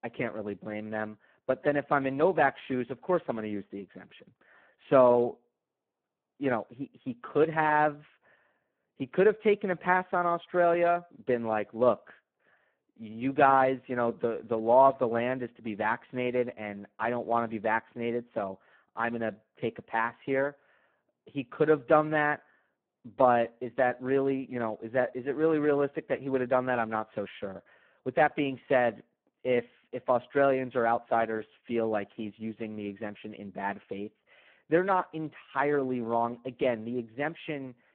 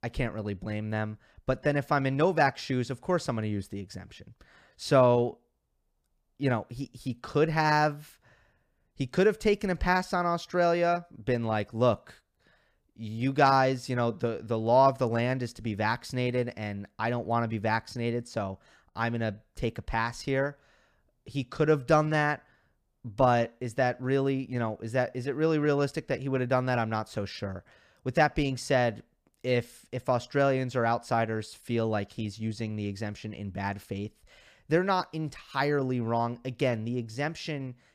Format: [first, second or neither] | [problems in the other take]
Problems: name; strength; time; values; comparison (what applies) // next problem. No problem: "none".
second | phone-call audio; poor line